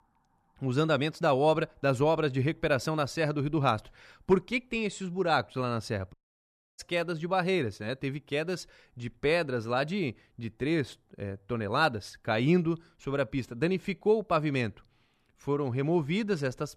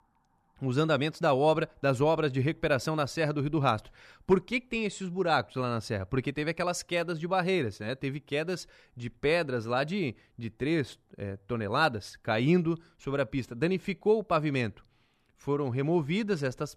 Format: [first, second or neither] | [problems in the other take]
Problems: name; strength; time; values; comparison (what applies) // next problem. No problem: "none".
second | audio cutting out; at 6 s for 0.5 s